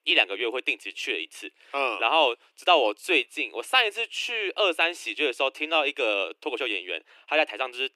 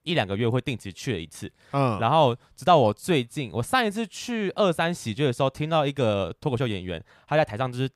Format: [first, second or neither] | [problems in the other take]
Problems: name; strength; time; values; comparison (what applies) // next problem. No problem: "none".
second | thin; very; fading below 300 Hz